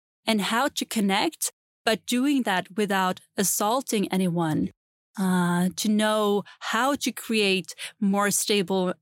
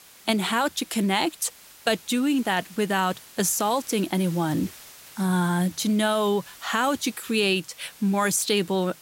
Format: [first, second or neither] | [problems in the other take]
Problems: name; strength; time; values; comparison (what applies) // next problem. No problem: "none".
first | hiss; faint; throughout; 20 dB below the speech